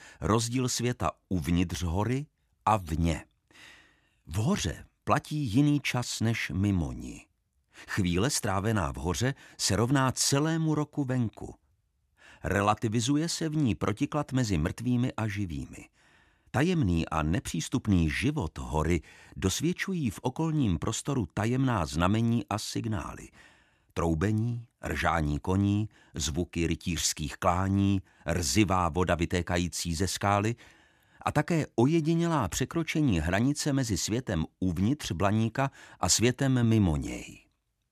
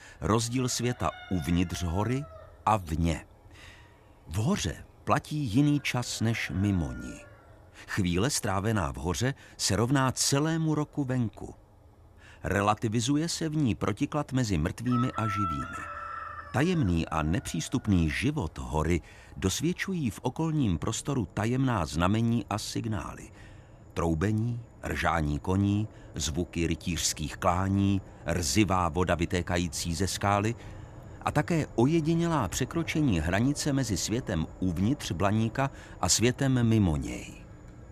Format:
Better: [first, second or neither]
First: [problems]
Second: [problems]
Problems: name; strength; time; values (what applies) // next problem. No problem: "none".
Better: first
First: none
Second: animal sounds; noticeable; throughout; 15 dB below the speech